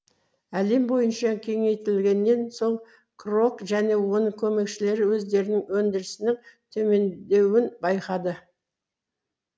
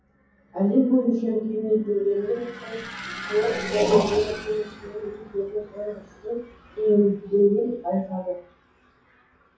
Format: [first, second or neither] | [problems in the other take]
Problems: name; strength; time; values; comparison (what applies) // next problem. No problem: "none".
first | noise reduction (classical method WPE with log-MMSE)